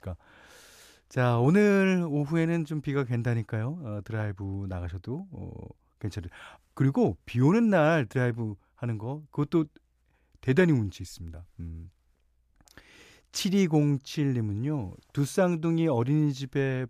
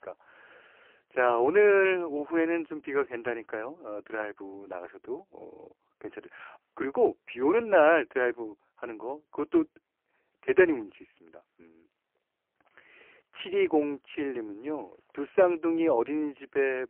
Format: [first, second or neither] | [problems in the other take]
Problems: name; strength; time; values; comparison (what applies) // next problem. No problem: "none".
first | phone-call audio; poor line; nothing above 3 kHz